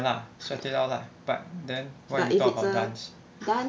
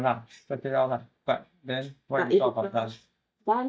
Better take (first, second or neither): first